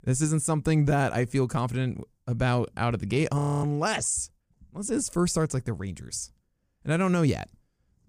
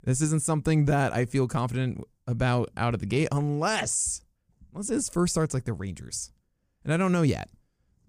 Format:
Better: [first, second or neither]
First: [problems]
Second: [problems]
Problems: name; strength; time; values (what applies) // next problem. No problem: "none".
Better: second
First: audio freezing; at 3.5 s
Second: none